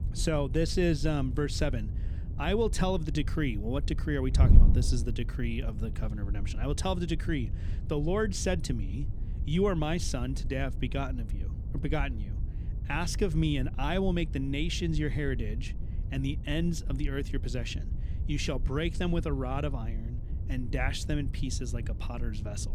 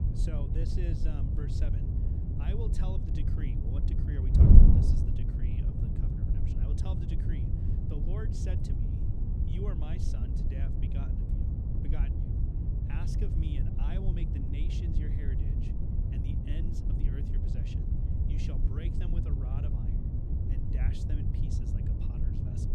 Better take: first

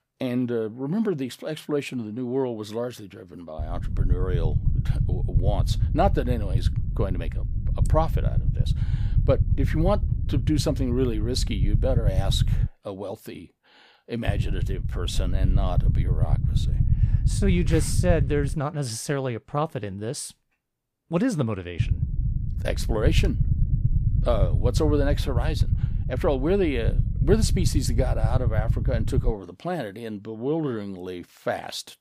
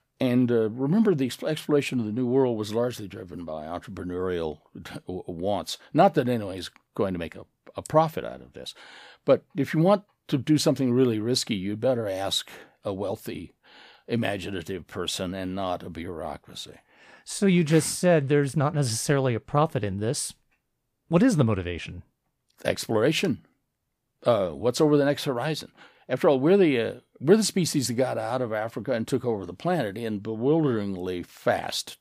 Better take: second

